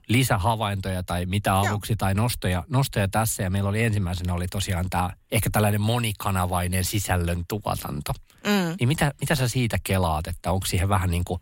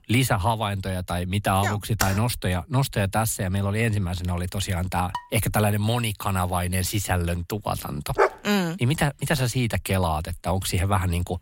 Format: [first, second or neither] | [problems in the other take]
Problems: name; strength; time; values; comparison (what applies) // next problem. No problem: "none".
first | keyboard typing; noticeable; at 2 s; peak 3 dB below the speech // clattering dishes; faint; at 5 s; peak 10 dB below the speech // dog barking; loud; at 8 s; peak 2 dB above the speech